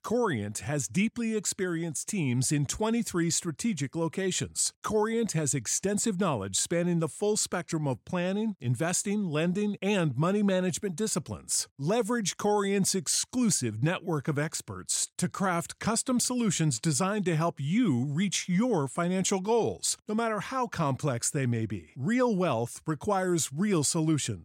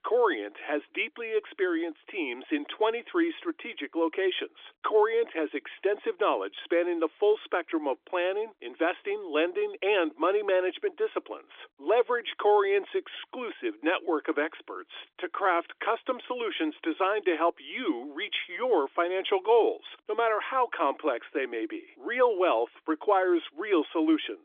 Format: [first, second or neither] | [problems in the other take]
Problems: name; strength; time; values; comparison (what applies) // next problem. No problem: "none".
first | phone-call audio; nothing above 3.5 kHz